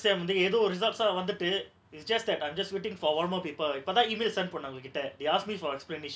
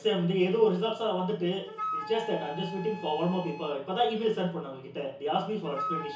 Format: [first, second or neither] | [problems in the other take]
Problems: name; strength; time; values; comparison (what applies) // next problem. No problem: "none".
first | background sound (Wind instrument, woodwind instrument); 12 dB below the speech // room echo; dies away in 0.7 s